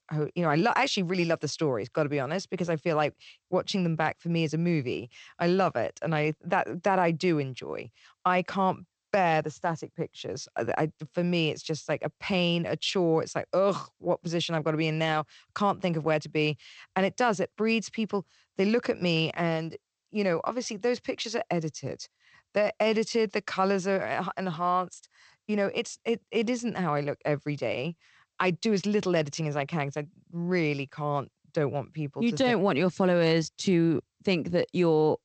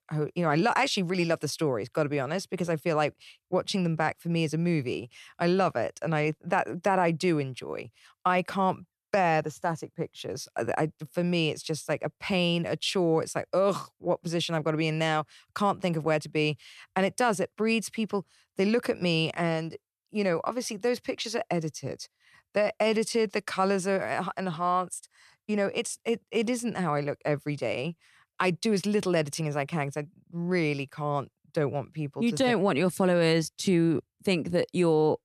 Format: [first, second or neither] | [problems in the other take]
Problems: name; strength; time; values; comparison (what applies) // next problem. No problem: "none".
second | garbled, watery; slightly; nothing above 8 kHz